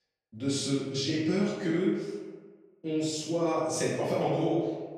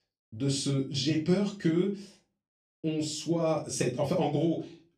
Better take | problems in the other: second | room echo; strong; dies away in 1.2 s; slight in the second // off-mic speech; far; far in the second

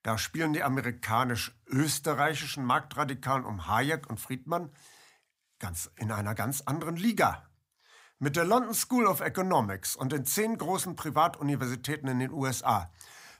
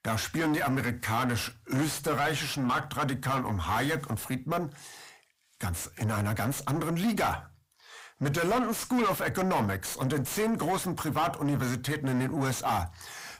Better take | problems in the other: first | distortion; heavy; 5 dB below the speech

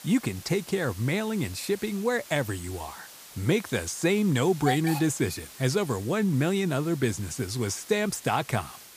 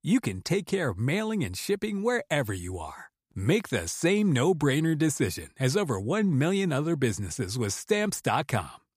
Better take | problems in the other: second | hiss; noticeable; throughout; 15 dB below the speech

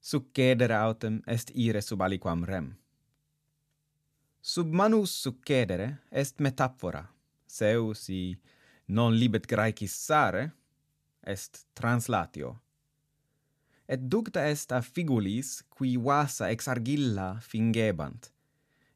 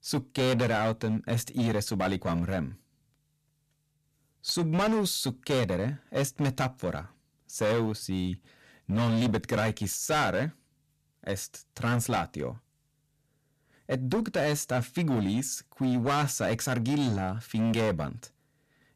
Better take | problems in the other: first | distortion; heavy; 12% of the sound clipped

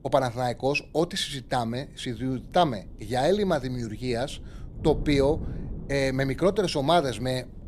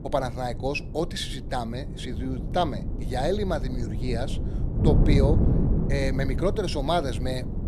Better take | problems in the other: first | wind noise on the microphone; heavy; 8 dB below the speech; occasional gusts in the first

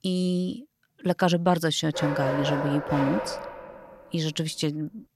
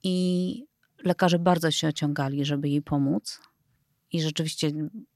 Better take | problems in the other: second | dog barking; noticeable; from 2 to 4 s; peak 1 dB below the speech

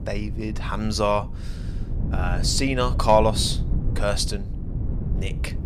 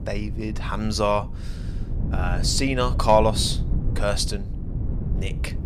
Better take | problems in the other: neither | low rumble; noticeable; throughout; 15 dB below the speech; the same in both

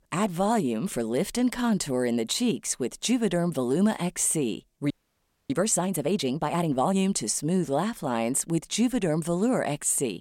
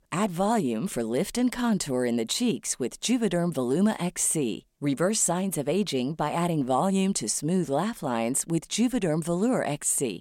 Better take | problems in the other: second | audio freezing; at 5 s for 0.5 s

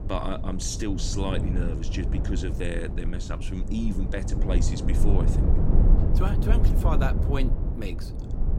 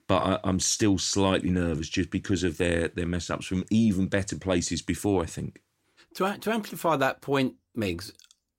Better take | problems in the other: second | low rumble; loud; throughout; 4 dB below the speech

